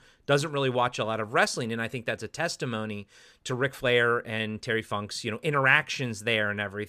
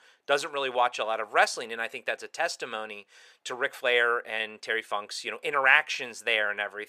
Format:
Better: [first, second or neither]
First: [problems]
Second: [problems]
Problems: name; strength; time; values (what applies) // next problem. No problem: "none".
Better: first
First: none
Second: thin; very; fading below 550 Hz